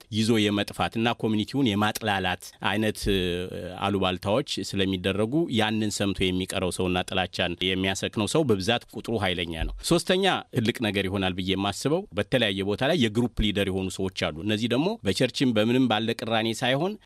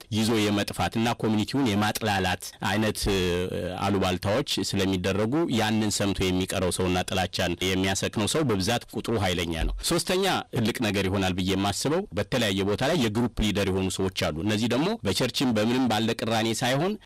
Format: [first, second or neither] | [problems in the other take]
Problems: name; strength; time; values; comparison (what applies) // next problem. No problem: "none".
first | distortion; heavy; 26% of the sound clipped